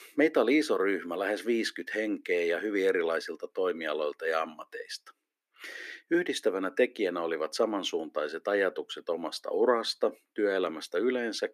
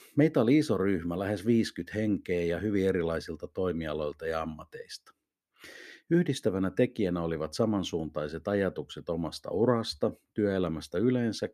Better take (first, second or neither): second